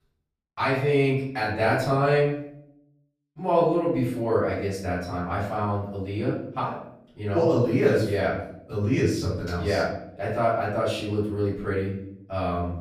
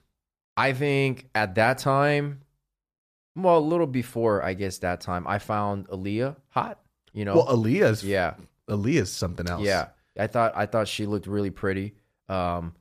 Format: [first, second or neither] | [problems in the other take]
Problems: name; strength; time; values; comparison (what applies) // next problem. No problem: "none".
second | off-mic speech; far // room echo; noticeable; dies away in 0.7 s